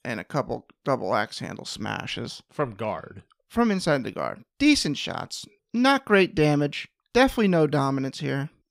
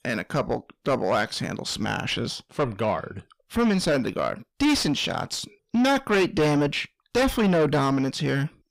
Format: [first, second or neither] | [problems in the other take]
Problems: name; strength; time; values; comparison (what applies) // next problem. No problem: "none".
first | distortion; heavy; 5 dB below the speech